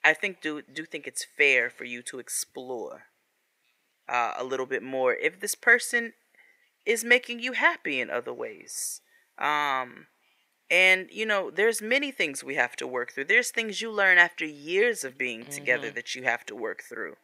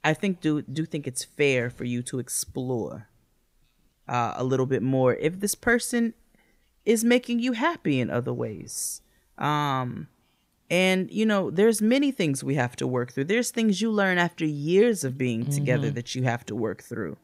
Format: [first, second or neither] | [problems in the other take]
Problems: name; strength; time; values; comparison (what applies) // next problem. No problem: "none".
second | thin; very; fading below 550 Hz